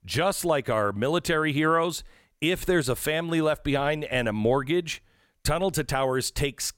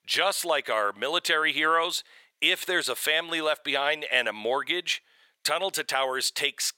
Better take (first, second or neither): first